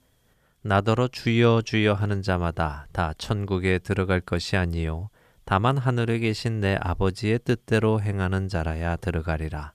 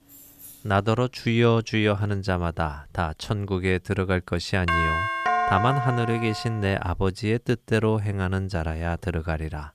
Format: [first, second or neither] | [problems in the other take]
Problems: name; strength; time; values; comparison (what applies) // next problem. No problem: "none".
first | jangling keys; faint; until 1 s; peak 20 dB below the speech // doorbell; loud; from 4.5 to 6.5 s; peak 2 dB above the speech